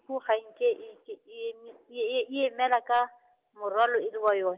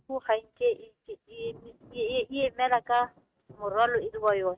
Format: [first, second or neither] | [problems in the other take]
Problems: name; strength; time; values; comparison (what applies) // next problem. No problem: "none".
first | noise reduction (neural mask model RNNoise)